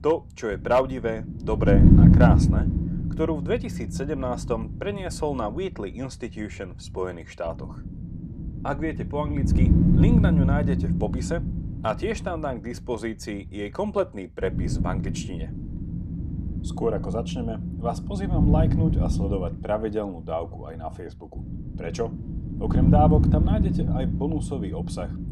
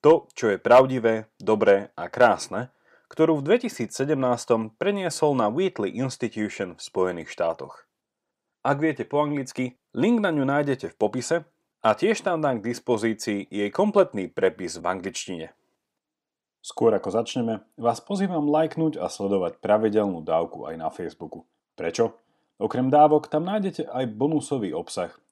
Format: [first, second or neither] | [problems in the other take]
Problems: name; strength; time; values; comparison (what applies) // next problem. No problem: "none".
second | wind noise on the microphone; heavy; 3 dB below the speech